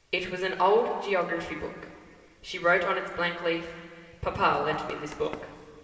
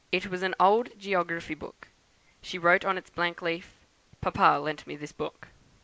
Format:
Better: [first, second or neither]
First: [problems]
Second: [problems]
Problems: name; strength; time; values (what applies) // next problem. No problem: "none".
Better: second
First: background sound (Run); 17 dB below the speech // room echo; dies away in 2.5 s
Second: none